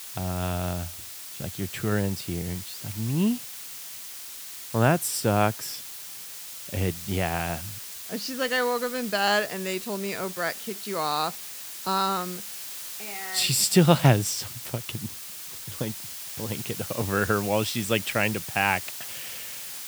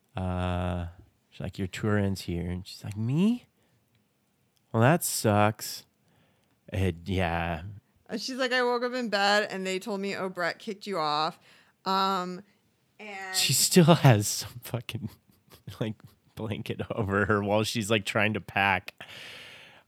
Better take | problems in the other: second | hiss; loud; throughout; 9 dB below the speech

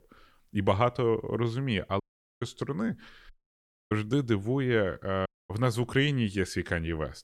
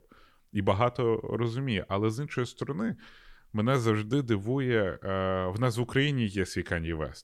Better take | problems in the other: second | audio cutting out; at 2 s, at 3.5 s for 0.5 s and at 5.5 s

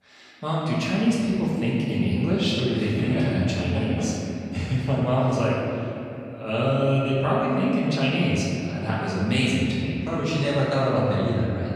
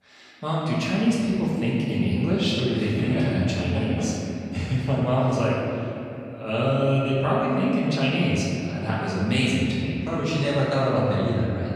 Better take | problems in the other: neither | room echo; strong; dies away in 2.9 s; the same in both // off-mic speech; far; the same in both

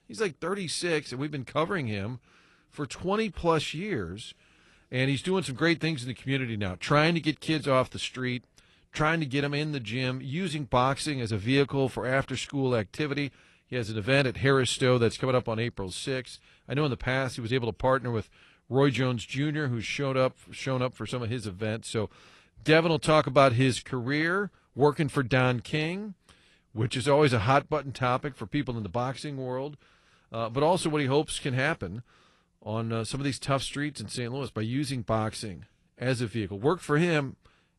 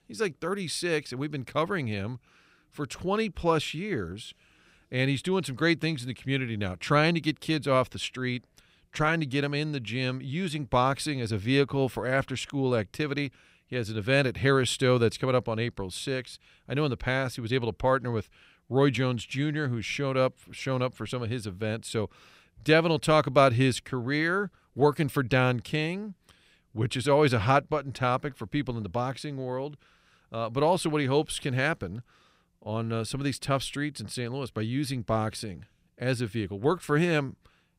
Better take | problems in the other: second | garbled, watery; slightly

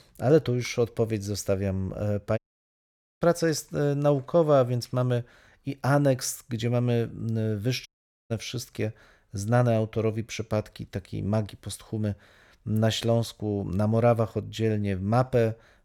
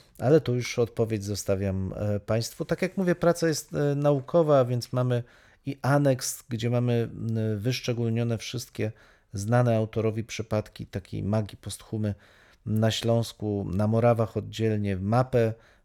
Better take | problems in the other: second | audio cutting out; at 2.5 s for 1 s and at 8 s

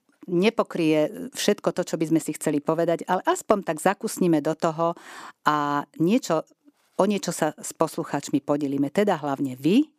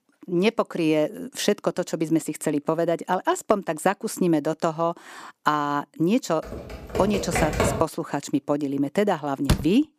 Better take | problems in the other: first | keyboard typing; loud; from 6.5 to 8 s; peak 1 dB above the speech // door banging; noticeable; at 9.5 s; peak 1 dB below the speech

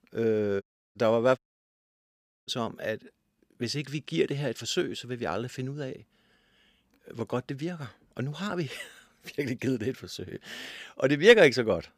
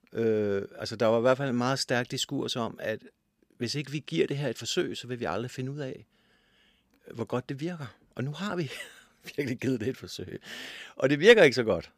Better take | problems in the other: second | audio cutting out; at 0.5 s and at 1.5 s for 1 s

